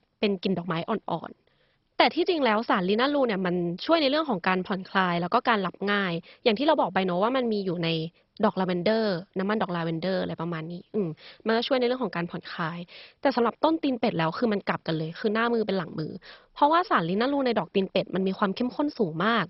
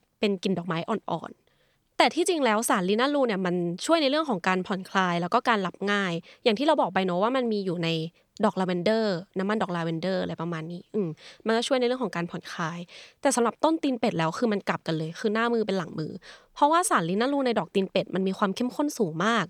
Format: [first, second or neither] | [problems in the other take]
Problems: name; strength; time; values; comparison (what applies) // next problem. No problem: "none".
second | garbled, watery; badly; nothing above 5 kHz